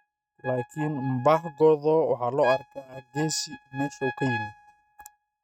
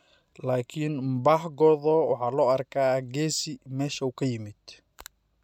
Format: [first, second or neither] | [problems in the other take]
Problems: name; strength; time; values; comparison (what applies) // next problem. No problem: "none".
second | noise reduction (neural mask model RNNoise)